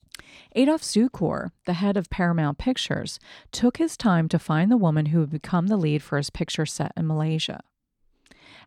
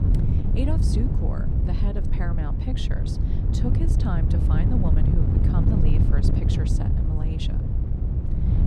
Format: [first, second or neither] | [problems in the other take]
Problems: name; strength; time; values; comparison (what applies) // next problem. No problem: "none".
first | wind noise on the microphone; heavy; 1 dB above the speech